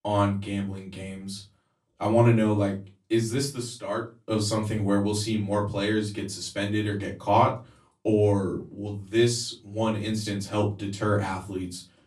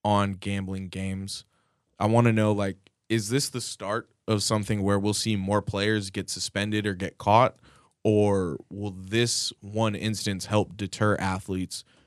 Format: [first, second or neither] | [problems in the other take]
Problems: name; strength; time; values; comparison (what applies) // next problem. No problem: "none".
second | off-mic speech; far // room echo; very slight; dies away in 0.3 s